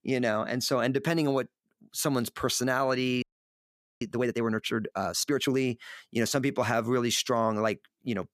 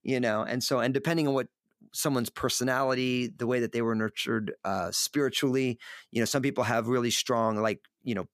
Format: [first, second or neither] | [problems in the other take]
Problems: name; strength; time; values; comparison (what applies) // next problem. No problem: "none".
second | audio freezing; at 3 s for 1 s